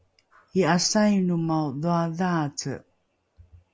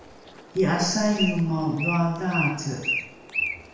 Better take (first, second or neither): first